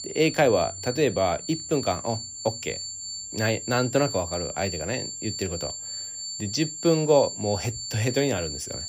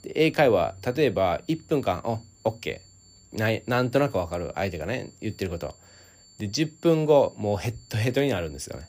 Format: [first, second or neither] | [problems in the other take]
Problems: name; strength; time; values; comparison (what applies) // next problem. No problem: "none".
second | high-pitched whine; loud; throughout; 7.5 kHz, 7 dB below the speech; faint in the second